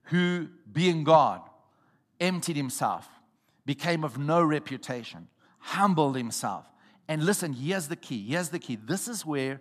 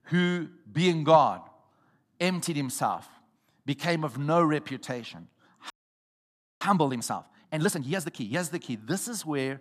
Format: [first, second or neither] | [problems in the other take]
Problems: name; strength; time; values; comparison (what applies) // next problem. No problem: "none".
first | audio freezing; at 5.5 s for 1 s